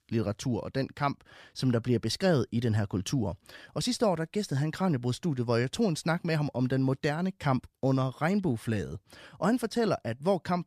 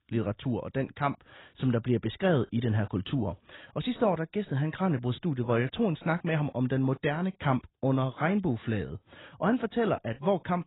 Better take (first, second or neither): first